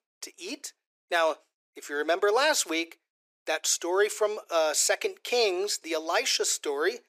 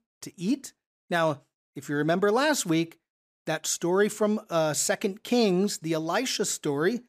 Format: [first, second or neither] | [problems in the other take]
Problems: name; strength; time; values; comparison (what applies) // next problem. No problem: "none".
second | thin; very; fading below 350 Hz